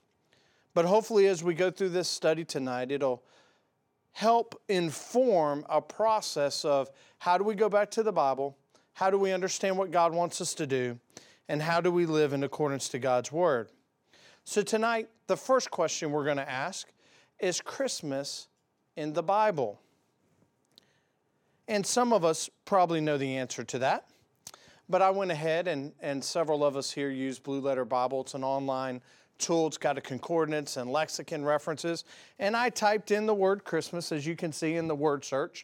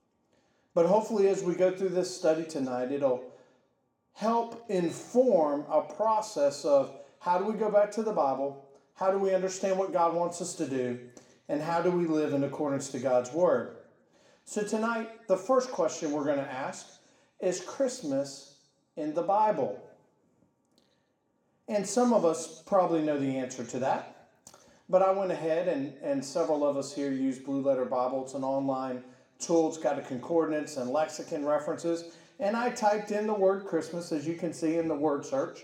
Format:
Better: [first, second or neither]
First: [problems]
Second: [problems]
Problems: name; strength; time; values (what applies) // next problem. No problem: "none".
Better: first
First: none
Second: room echo; slight; dies away in 0.7 s